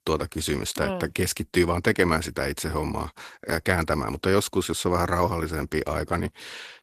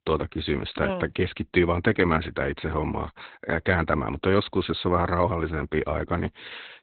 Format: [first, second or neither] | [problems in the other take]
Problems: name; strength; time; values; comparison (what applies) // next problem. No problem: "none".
first | garbled, watery; badly; nothing above 4 kHz; slightly in the first